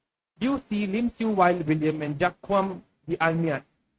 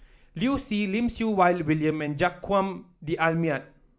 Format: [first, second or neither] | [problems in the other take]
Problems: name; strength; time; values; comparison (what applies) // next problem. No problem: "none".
second | noise reduction (neural mask model RNNoise)